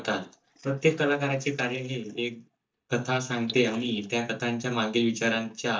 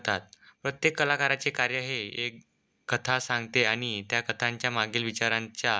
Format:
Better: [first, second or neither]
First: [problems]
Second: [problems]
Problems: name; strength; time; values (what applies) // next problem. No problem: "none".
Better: second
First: noise reduction (neural mask model DeepFilterNet 3)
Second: none